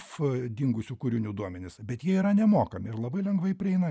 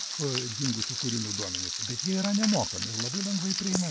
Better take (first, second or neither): first